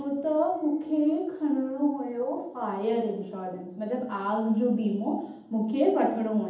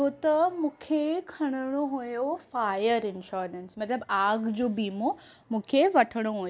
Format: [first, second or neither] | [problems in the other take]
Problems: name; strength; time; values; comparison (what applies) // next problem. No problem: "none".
second | room echo; dies away in 0.8 s